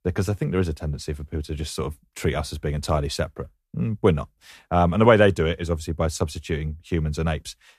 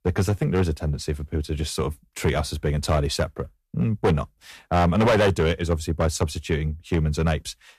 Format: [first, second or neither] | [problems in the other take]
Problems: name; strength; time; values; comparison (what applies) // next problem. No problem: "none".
first | distortion; heavy; 6% of the sound clipped